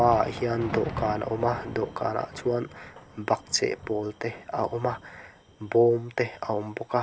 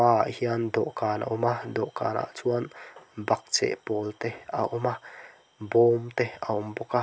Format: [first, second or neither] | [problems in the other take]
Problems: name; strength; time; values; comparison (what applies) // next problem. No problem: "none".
second | background sound (Thunder); 14 dB below the speech